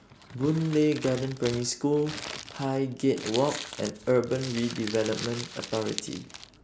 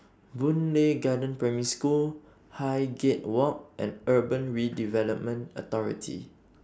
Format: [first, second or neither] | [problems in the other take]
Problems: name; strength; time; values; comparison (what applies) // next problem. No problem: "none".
second | background sound (Crumpling, crinkling); 12 dB below the speech